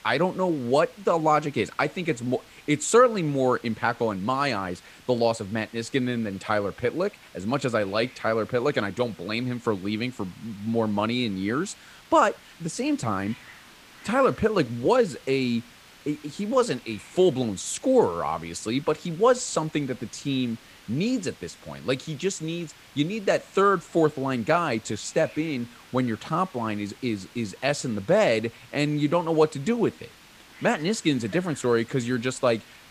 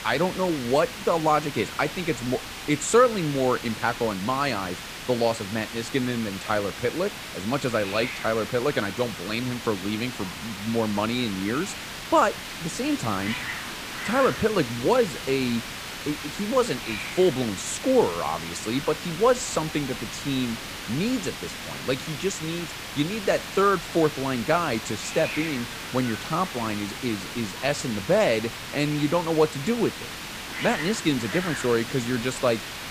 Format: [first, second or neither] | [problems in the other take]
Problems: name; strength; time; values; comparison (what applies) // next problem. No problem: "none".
first | hiss; loud; throughout; 8 dB below the speech; faint in the first